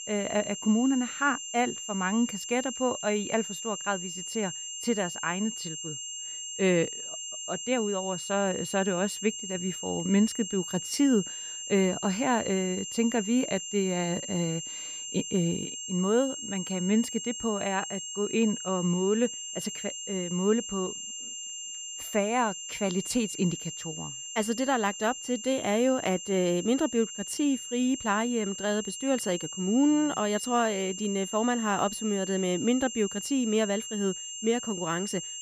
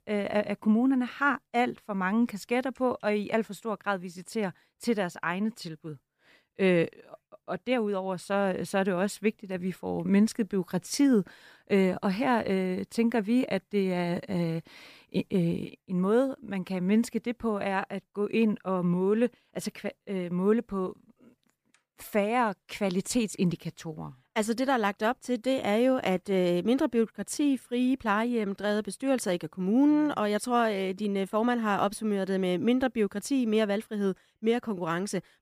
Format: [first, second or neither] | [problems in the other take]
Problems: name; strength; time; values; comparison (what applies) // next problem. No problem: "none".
second | high-pitched whine; loud; throughout; 7.5 kHz, 7 dB below the speech